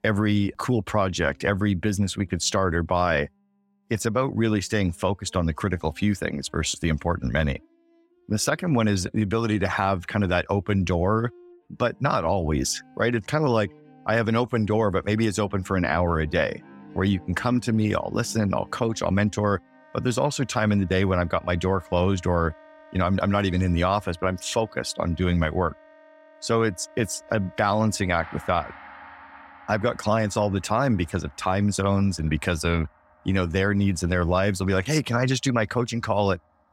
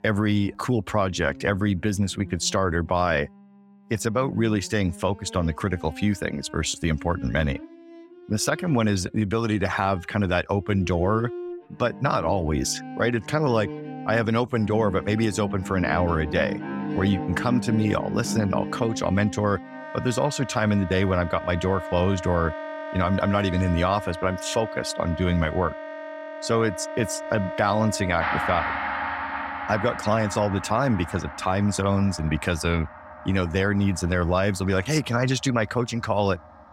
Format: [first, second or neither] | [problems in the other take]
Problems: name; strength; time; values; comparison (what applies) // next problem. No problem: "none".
first | background music; loud; throughout; 9 dB below the speech; faint in the first